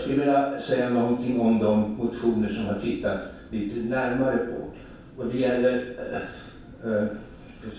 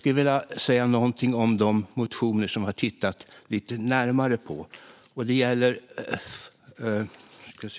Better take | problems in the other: second | background sound (Mechanical fan); 20 dB below the speech // room echo; dies away in 0.7 s

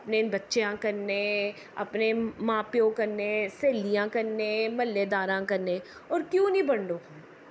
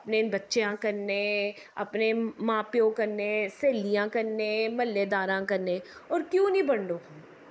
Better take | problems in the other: first | noise reduction (neural mask model Resemble Enhance denoiser)

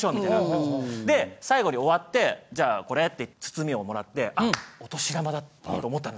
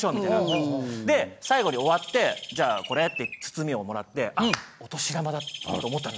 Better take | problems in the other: first | background sound (Bird); 13 dB below the speech

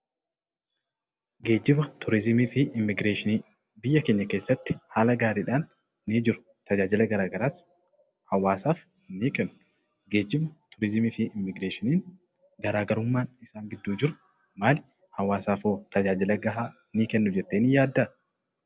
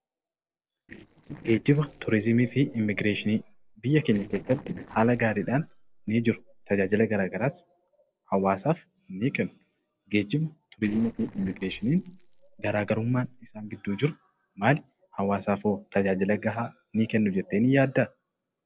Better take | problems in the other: first | noise reduction (neural separator model SepFormer DNS4)

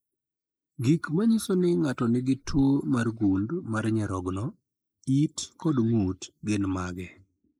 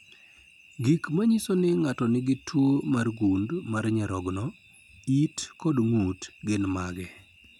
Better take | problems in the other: second | noise reduction (neural mask model Resemble Enhance denoiser)

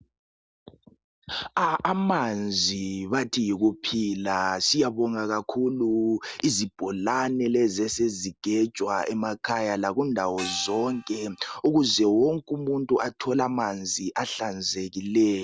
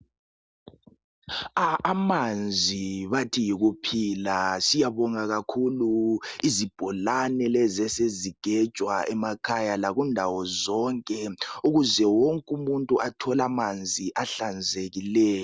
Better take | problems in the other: second | background sound (Gong); 15 dB below the speech

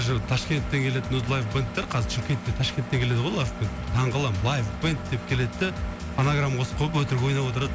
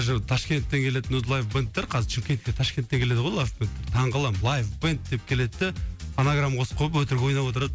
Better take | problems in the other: second | background sound (Engine); 11 dB below the speech

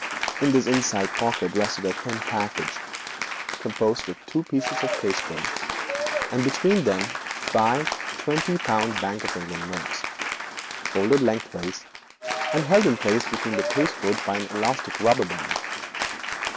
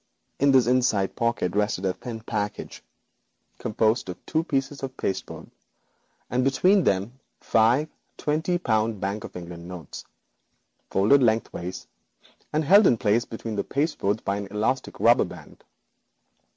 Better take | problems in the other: second | background sound (Applause / Cheering); 4 dB below the speech

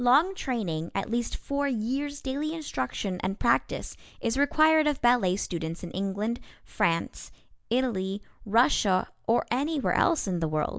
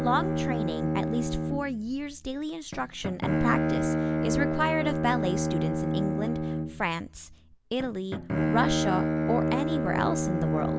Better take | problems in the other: first | background sound (Bowed string instrument); 2 dB above the speech

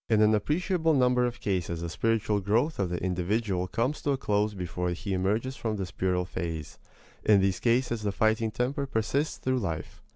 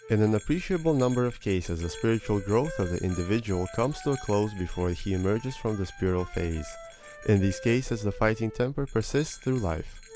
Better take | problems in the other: first | background sound (Wind instrument, woodwind instrument + Bell); 18 dB below the speech

